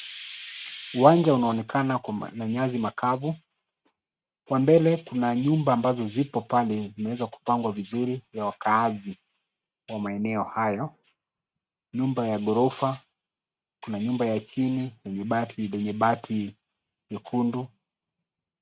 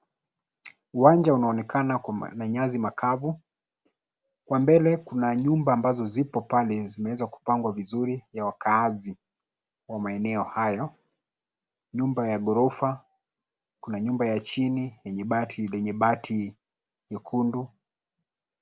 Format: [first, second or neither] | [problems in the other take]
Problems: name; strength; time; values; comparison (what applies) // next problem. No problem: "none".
second | noise reduction (neural mask model RNNoise)